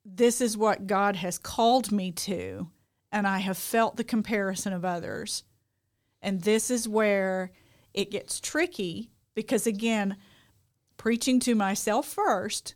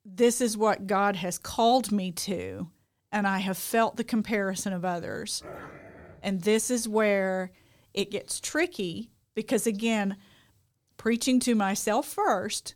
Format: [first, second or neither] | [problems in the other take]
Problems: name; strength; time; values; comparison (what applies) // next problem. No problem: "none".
first | dog barking; faint; at 5.5 s; peak 15 dB below the speech